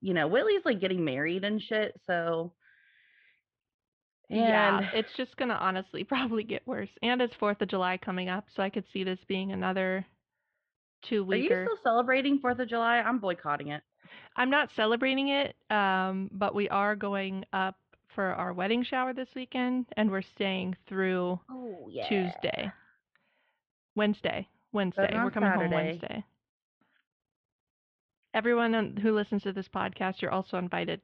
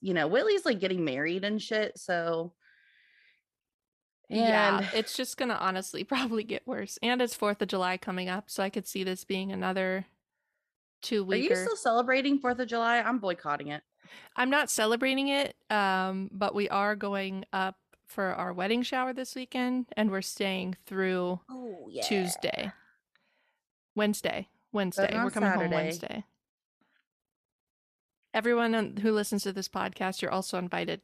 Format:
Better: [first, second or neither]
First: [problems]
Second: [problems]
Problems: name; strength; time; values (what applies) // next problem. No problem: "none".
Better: second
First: muffled; very; fading above 3.5 kHz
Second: none